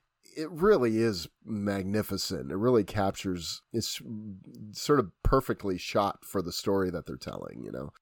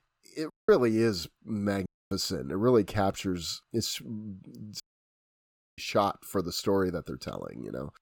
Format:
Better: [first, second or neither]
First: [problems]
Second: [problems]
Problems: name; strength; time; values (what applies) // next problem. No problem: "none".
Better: first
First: none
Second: audio cutting out; at 0.5 s, at 2 s and at 5 s for 1 s